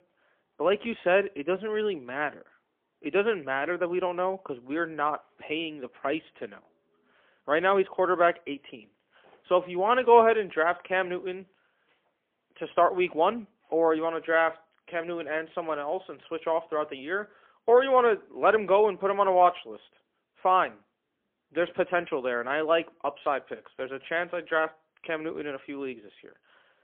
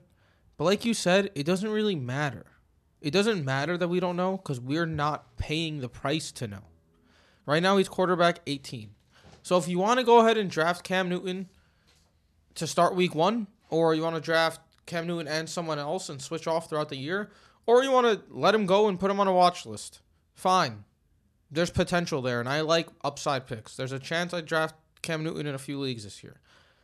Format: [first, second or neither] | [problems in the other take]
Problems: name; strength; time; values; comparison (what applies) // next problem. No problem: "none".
second | phone-call audio; poor line; nothing above 3.5 kHz